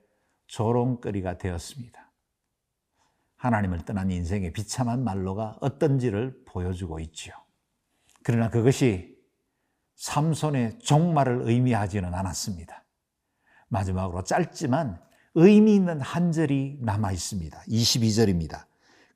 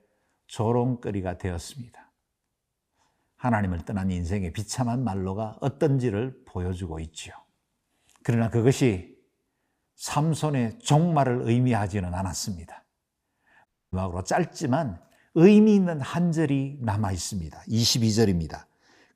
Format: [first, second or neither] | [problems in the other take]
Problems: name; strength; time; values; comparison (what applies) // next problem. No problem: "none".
first | audio cutting out; at 14 s